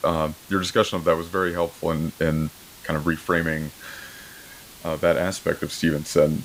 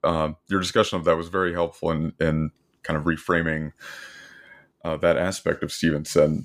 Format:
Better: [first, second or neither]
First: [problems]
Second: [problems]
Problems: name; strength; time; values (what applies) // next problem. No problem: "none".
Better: second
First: hiss; noticeable; throughout; 20 dB below the speech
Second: none